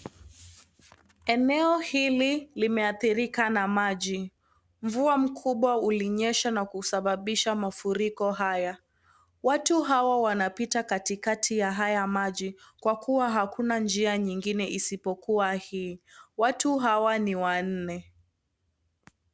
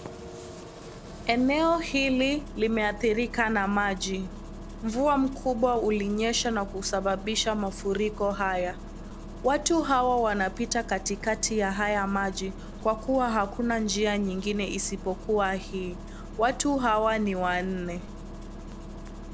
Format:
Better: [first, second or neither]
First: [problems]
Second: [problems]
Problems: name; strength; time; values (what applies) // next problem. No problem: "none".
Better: first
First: none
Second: background sound (Engine starting); 12 dB below the speech